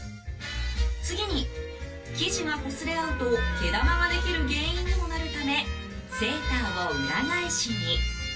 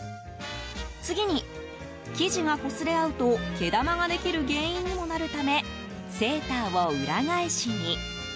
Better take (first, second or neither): second